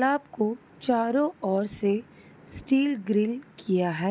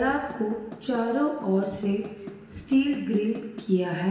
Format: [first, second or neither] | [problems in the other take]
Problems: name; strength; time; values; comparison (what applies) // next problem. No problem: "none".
first | background sound (Knock / Wood); 18 dB below the speech // room echo; dies away in 1.5 s